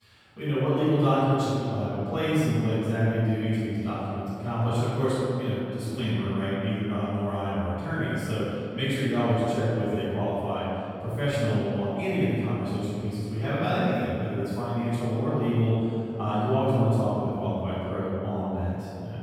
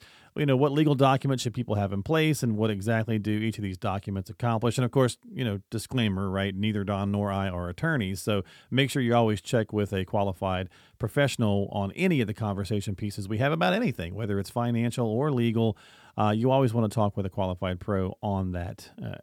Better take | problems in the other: second | room echo; strong; dies away in 2.4 s // off-mic speech; far

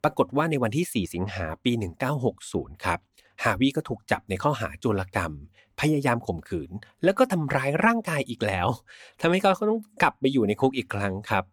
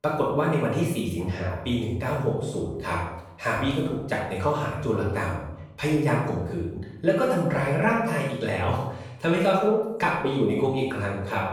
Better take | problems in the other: first | off-mic speech; far // room echo; noticeable; dies away in 0.8 s

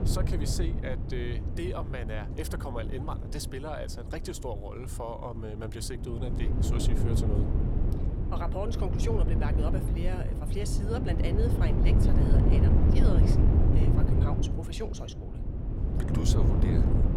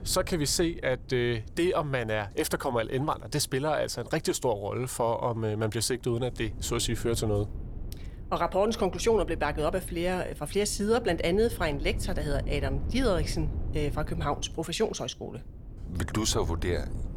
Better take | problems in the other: second | wind noise on the microphone; heavy; as loud as the speech; occasional gusts in the second

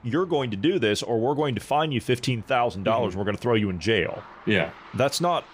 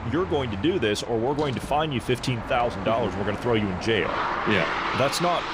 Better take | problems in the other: first | traffic noise; loud; throughout; 6 dB below the speech; faint in the first

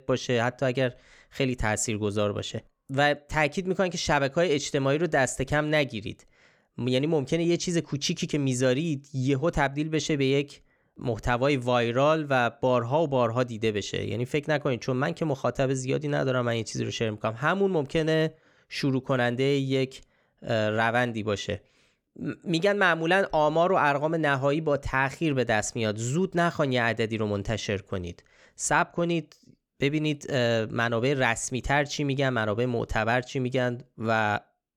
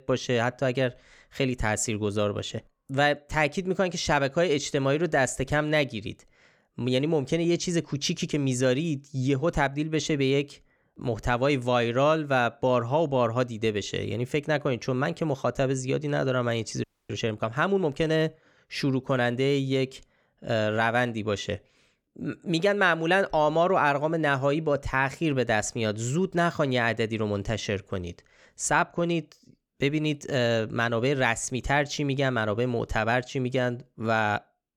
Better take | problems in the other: first | audio freezing; at 17 s

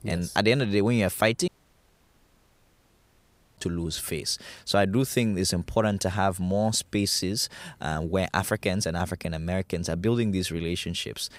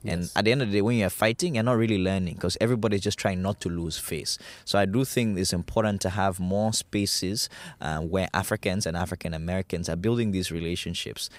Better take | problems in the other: second | audio cutting out; at 1.5 s for 2 s

